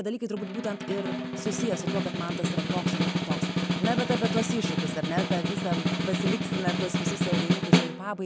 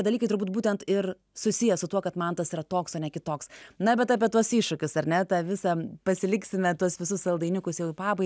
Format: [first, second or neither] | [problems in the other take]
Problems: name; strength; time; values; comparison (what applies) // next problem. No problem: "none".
second | background sound (Snare drum); 5 dB above the speech